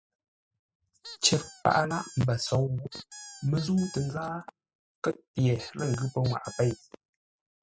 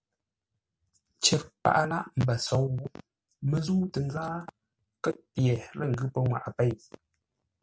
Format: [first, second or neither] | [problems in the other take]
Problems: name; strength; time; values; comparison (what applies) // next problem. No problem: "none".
second | noise reduction (classical method spectral subtraction)